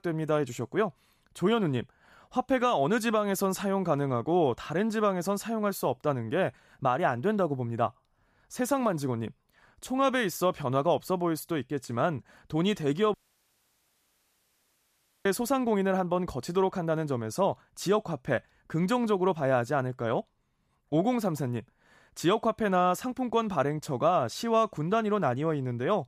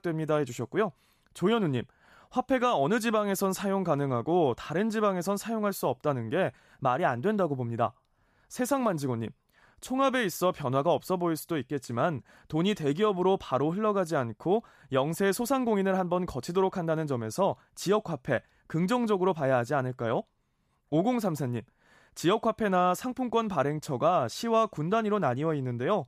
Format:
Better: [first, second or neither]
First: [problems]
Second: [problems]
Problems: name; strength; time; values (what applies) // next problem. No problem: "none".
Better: second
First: audio cutting out; at 13 s for 2 s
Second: none